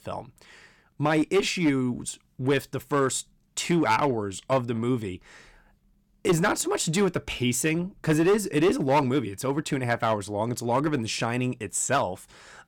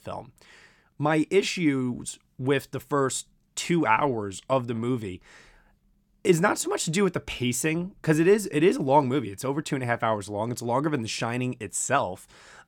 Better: second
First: distortion; slight; 4% of the sound clipped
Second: none

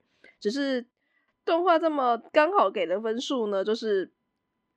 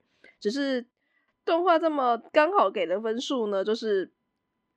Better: neither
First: muffled; slightly; fading above 2.5 kHz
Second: muffled; slightly; fading above 2.5 kHz

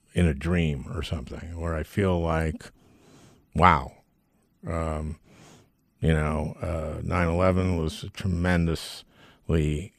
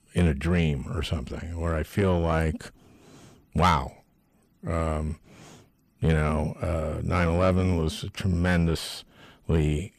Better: first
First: none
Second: distortion; slight; 10 dB below the speech

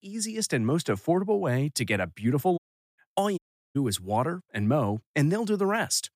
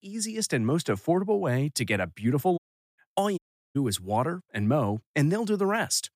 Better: neither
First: audio cutting out; at 2.5 s and at 3.5 s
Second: audio cutting out; at 2.5 s and at 3.5 s

